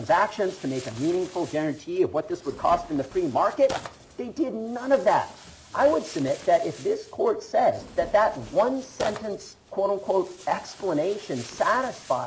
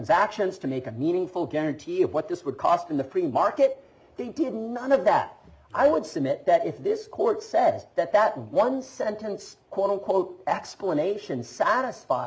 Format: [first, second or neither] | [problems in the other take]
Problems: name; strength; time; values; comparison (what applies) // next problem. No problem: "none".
second | background sound (Tearing); 18 dB below the speech